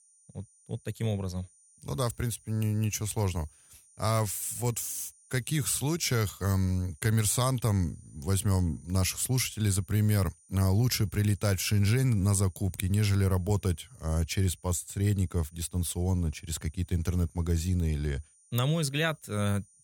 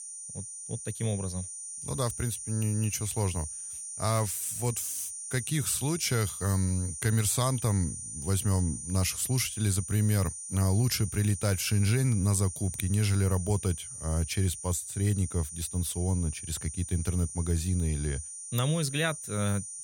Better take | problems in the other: first | high-pitched whine; loud; throughout; 9 kHz, 8 dB below the speech; faint in the first

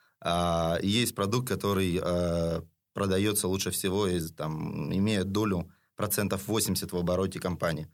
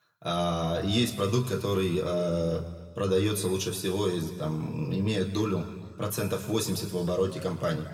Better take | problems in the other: first | room echo; slight; dies away in 1.7 s // off-mic speech; somewhat distant

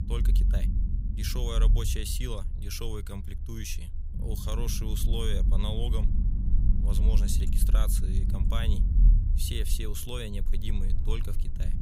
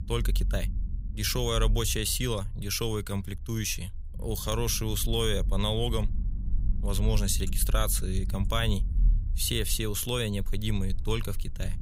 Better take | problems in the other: second | low rumble; loud; throughout; 8 dB below the speech; faint in the second

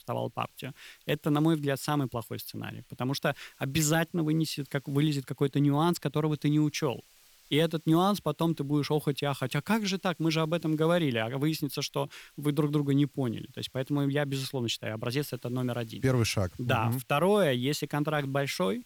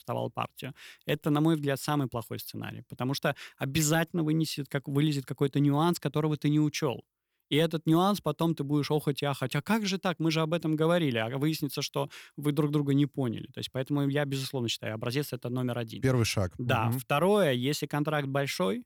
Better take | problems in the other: second | hiss; faint; throughout; 30 dB below the speech

